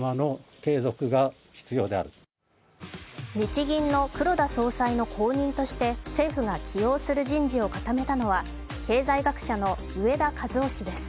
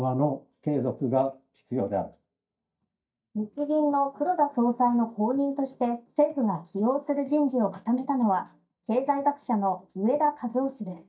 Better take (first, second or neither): first